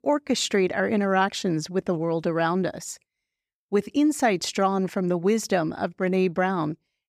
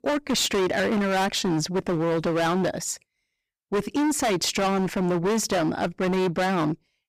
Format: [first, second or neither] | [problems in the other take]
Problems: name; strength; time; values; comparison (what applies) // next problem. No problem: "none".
first | distortion; heavy; 26% of the sound clipped